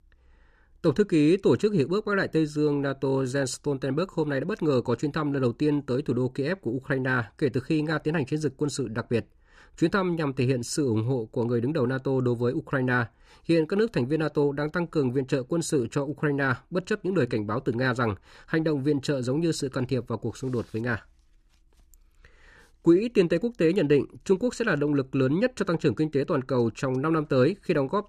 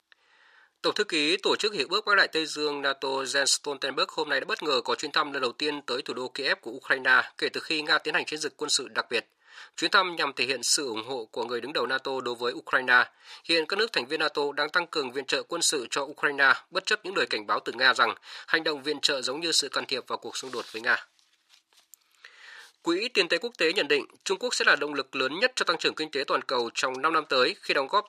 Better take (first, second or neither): first